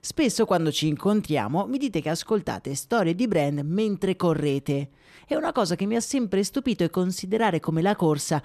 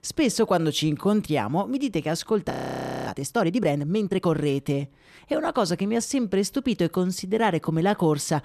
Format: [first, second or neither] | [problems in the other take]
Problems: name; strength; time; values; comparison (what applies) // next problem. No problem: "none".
first | audio freezing; at 2.5 s for 0.5 s